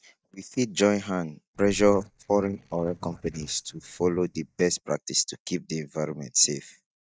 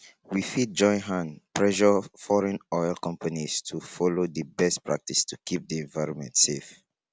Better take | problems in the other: second | noise reduction (neural mask model DeepFilterNet 3)

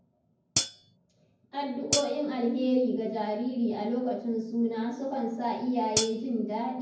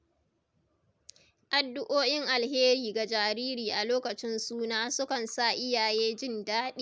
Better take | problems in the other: second | background sound (Hi-hat); 1 dB below the speech // room echo; dies away in 0.9 s

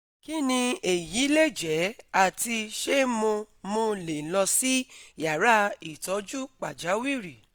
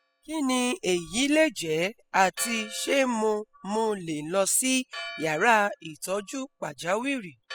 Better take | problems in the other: first | noise reduction (classical method spectral subtraction)

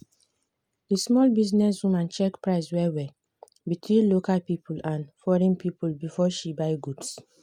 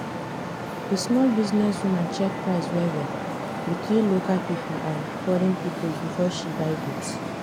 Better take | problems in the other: first | background sound (Traffic noise, roadway noise); 5 dB below the speech

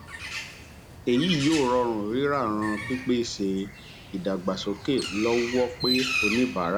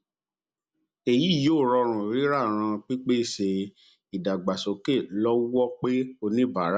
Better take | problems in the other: second | background sound (Bird); 8 dB below the speech

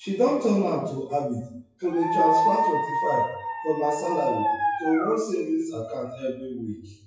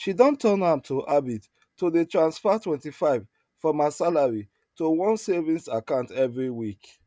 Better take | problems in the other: second | noise reduction (classical method WPE with log-MMSE)

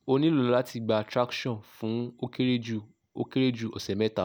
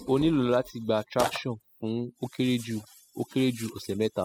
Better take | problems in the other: first | noise reduction (classical method spectral subtraction)

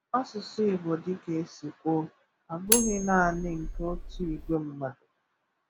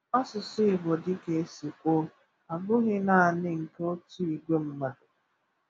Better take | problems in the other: second | background sound (Cutlery, silverware); 2 dB below the speech

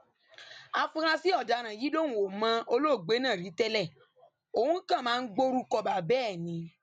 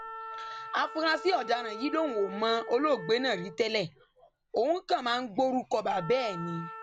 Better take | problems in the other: first | background sound (Wind instrument, woodwind instrument); 13 dB below the speech

